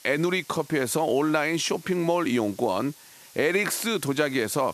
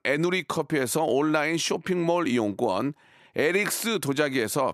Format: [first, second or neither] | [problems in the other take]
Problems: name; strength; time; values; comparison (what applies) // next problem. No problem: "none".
second | hiss; faint; throughout; 25 dB below the speech